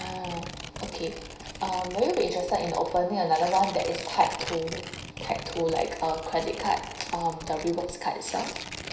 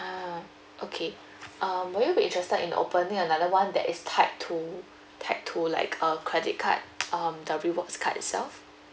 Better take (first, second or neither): second